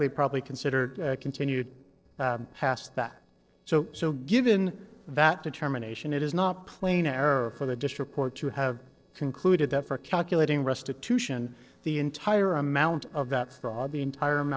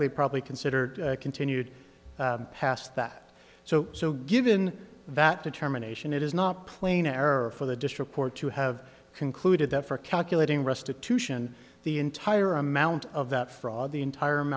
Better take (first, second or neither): second